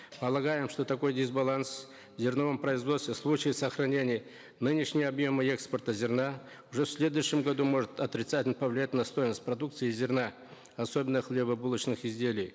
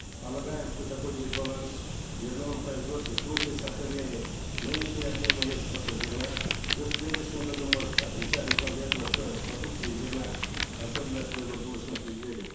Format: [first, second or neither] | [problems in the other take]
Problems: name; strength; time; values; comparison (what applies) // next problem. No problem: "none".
first | background sound (Fire); 4 dB above the speech // room echo; dies away in 0.7 s